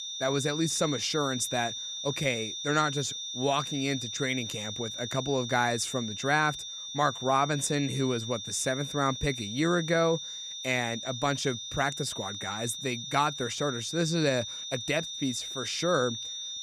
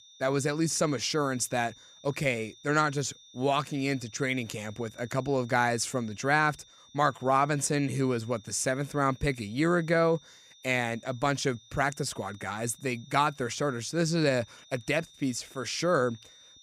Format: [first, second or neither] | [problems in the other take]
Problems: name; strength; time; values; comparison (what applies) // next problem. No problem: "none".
second | high-pitched whine; loud; throughout; 3.5 kHz, 6 dB below the speech; faint in the second